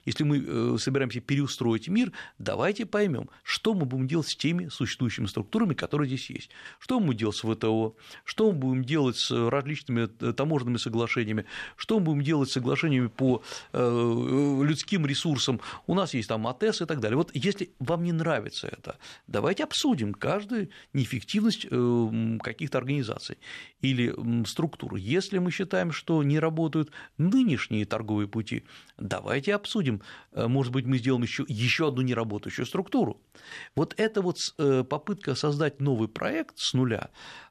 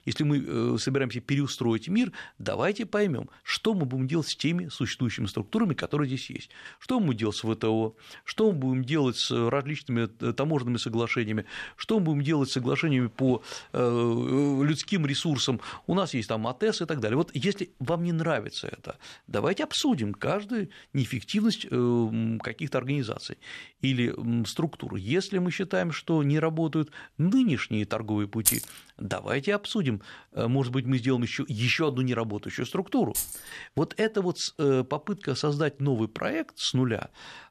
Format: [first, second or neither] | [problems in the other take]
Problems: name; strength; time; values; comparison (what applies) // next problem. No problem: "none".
first | jangling keys; loud; at 28 s; peak 3 dB above the speech // jangling keys; noticeable; at 33 s; peak 3 dB below the speech